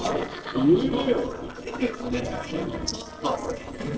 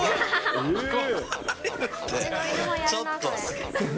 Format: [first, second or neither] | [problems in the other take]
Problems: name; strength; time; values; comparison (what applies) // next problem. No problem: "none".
second | noise reduction (neural separator model SepFormer DNS4)